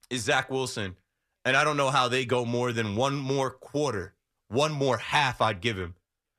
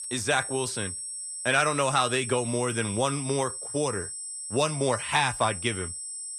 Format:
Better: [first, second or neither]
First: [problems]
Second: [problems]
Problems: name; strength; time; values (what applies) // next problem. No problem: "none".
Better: first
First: none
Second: high-pitched whine; loud; throughout; 8 kHz, 6 dB below the speech